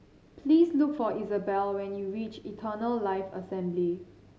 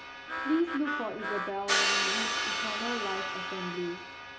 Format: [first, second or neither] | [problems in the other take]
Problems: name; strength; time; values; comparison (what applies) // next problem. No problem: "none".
first | background sound (Harmonica + Crash cymbal); 3 dB above the speech